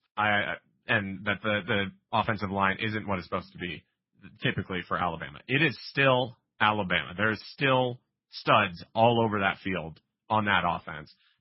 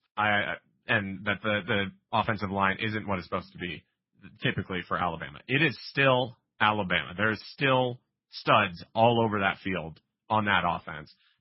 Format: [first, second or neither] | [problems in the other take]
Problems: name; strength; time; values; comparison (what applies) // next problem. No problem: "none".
neither | garbled, watery; badly; nothing above 5.5 kHz; the same in both